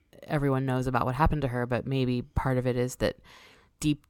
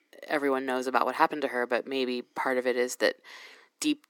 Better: first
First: none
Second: thin; somewhat; fading below 300 Hz

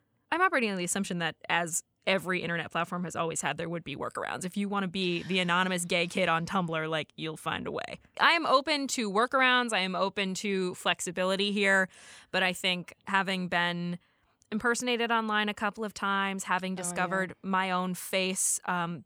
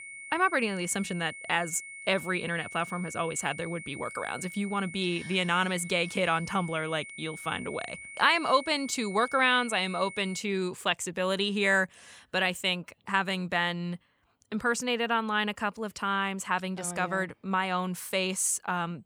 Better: first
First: none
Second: high-pitched whine; noticeable; until 10 s; 2 kHz, 15 dB below the speech

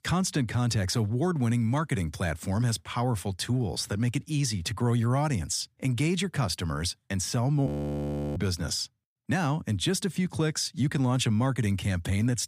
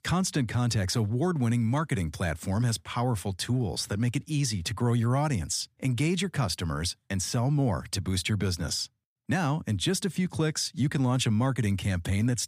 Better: second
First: audio freezing; at 7.5 s for 0.5 s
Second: none

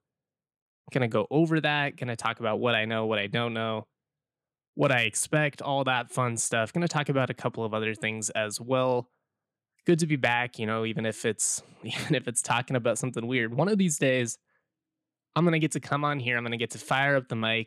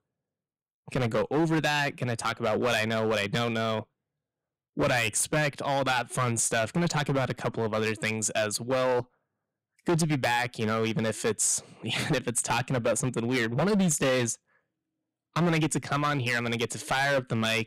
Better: first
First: none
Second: distortion; heavy; 11% of the sound clipped

